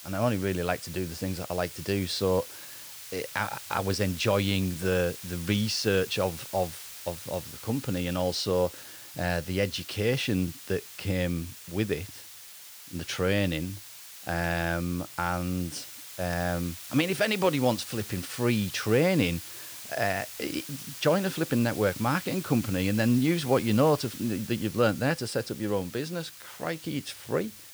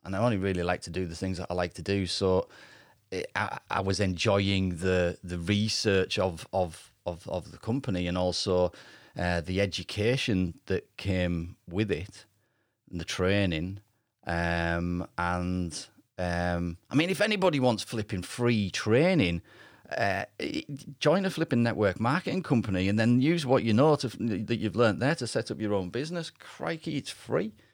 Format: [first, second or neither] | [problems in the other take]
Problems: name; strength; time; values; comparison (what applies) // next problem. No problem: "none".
second | hiss; noticeable; throughout; 10 dB below the speech